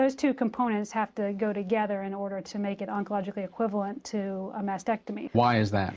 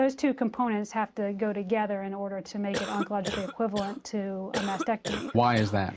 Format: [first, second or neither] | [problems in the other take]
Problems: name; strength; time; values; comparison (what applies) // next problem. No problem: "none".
first | background sound (Cough); 8 dB below the speech